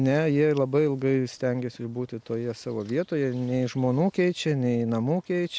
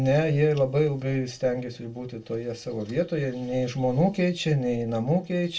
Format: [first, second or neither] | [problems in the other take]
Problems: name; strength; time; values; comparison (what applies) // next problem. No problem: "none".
first | room echo; dies away in 0.2 s